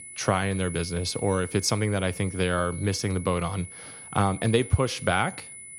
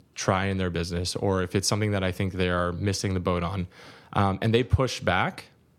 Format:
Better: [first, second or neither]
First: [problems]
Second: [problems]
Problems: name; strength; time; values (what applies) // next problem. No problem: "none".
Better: second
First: high-pitched whine; noticeable; throughout; 10 kHz, 15 dB below the speech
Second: none